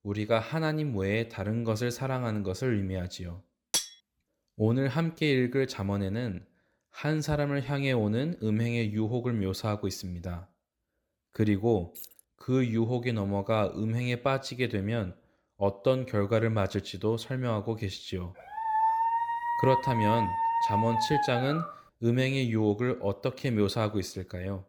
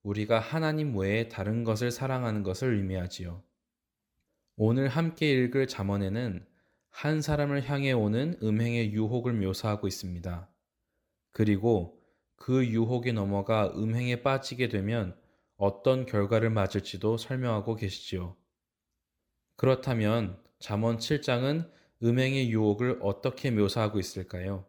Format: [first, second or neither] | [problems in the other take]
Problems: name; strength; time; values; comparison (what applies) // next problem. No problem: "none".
second | clattering dishes; loud; at 3.5 s; peak level with the speech // jangling keys; faint; at 12 s; peak 15 dB below the speech // dog barking; loud; from 19 to 22 s; peak 4 dB above the speech